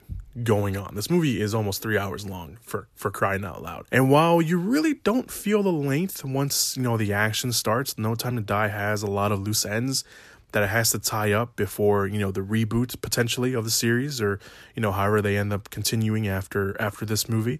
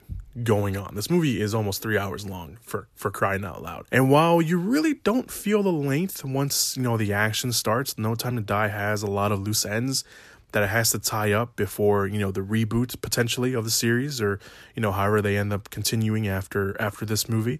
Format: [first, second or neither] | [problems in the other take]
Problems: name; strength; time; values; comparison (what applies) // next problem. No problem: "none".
neither | none